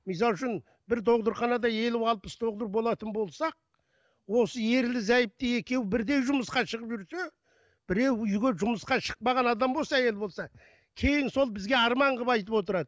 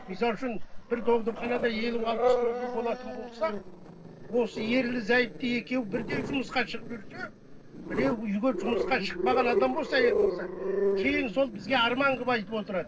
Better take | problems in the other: first | noise reduction (neural separator model SepFormer DNS4)

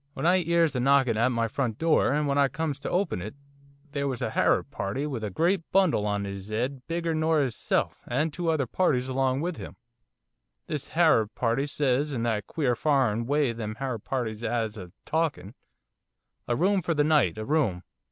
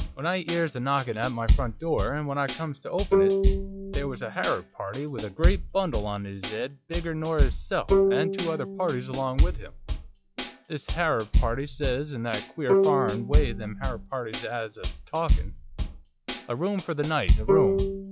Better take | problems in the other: first | noise reduction (classical method log-MMSE)

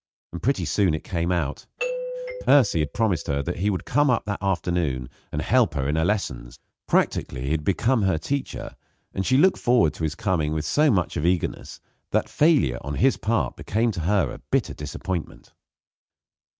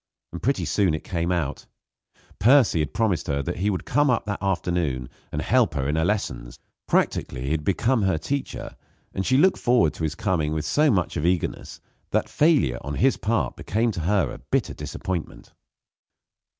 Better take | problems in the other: second | noise reduction (neural mask model RNNoise)

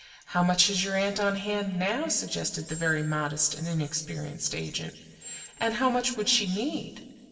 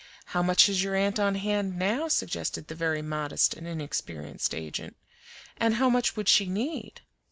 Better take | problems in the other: second | background sound (Squeak); 19 dB below the speech // room echo; dies away in 1.9 s

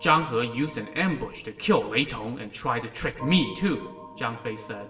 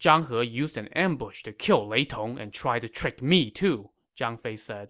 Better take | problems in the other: second | background sound (Organ); 17 dB below the speech // room echo; dies away in 1.1 s

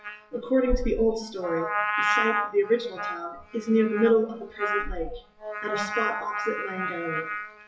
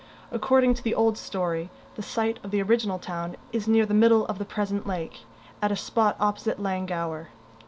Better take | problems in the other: second | noise reduction (classical method WPE with log-MMSE)

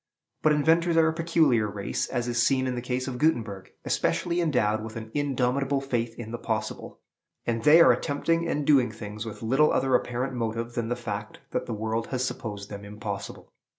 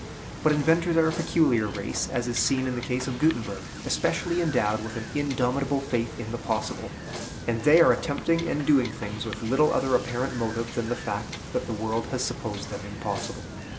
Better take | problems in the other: first | background sound (Wind / Boat, Water vehicle); 10 dB below the speech

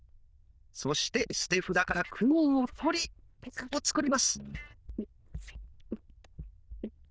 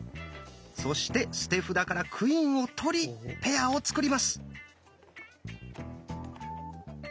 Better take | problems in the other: second | noise reduction (neural diffusion model UNIVERSE++)

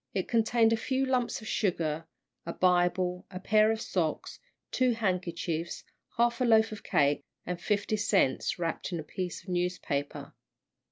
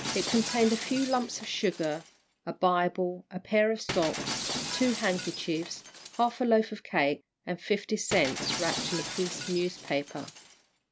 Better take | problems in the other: first | background sound (Shatter); 9 dB below the speech

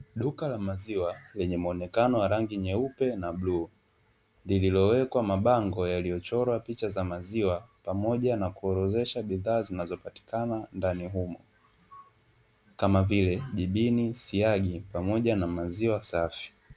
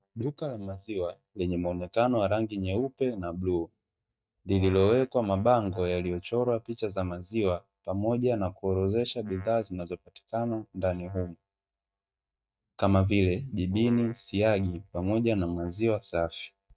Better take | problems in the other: first | noise reduction (neural mask model DeepFilterNet 3)

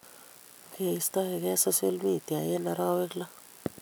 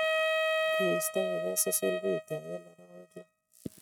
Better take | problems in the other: first | noise reduction (neural mask model RNNoise)

